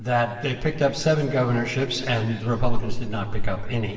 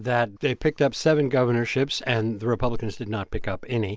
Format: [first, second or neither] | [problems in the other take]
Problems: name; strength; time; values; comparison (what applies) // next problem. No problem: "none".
second | room echo; dies away in 2.5 s